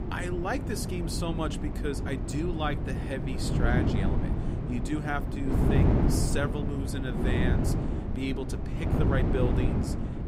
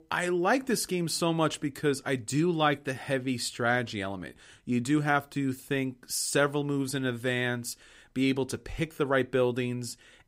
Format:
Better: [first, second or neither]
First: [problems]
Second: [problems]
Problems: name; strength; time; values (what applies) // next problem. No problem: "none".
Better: second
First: wind noise on the microphone; heavy; 1 dB below the speech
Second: none